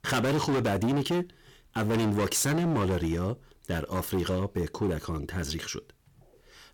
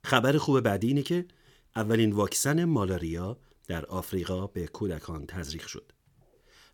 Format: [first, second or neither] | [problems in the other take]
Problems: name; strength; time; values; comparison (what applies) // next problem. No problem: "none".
second | distortion; heavy; 18% of the sound clipped